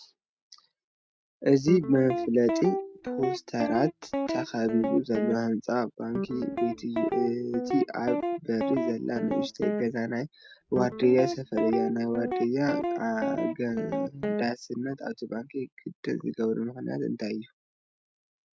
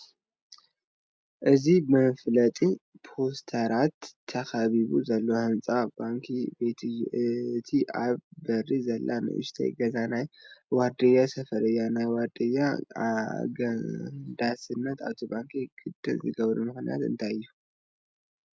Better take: second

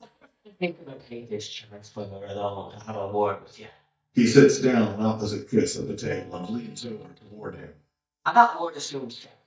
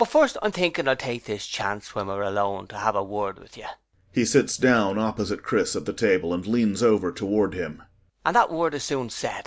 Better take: second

